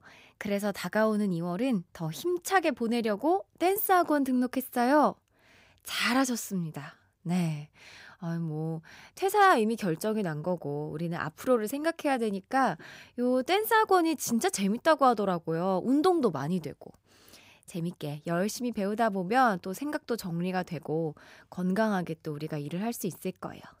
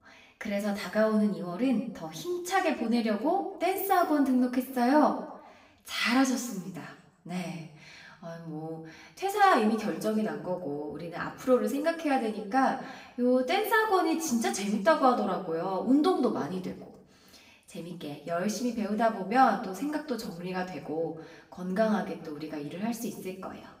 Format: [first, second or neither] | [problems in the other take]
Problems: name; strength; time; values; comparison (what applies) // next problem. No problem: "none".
first | room echo; slight; dies away in 0.7 s // off-mic speech; far